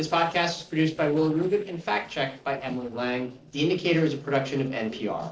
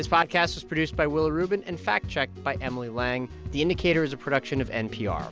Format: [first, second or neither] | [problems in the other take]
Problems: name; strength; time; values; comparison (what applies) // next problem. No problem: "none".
second | noise reduction (neural separator model SepFormer DNS4)